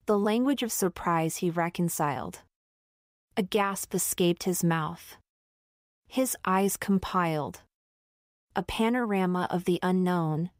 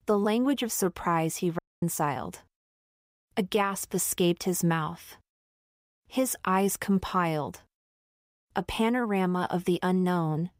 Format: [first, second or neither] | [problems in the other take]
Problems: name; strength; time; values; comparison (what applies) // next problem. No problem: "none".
first | audio cutting out; at 1.5 s